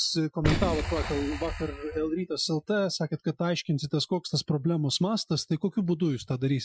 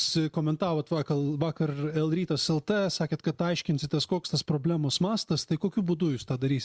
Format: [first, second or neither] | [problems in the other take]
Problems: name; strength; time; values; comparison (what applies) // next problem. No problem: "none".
second | noise reduction (classical method Wiener filter)